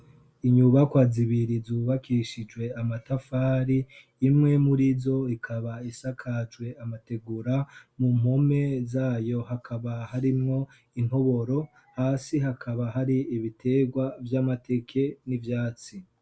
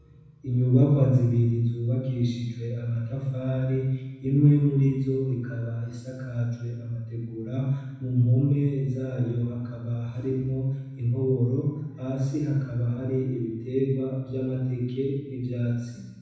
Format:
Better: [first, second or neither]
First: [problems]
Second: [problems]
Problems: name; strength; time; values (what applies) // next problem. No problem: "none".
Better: first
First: none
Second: room echo; dies away in 1.1 s